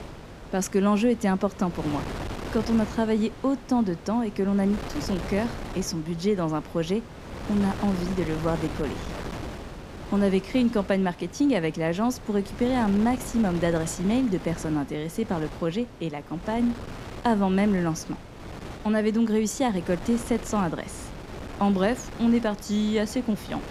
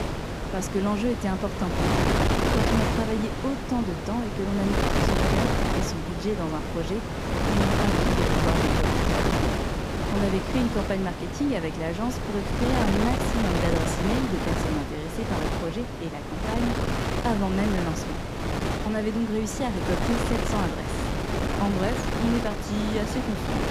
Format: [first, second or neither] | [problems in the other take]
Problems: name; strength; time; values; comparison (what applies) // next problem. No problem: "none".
first | wind noise on the microphone; heavy; 3 dB above the speech; occasional gusts in the first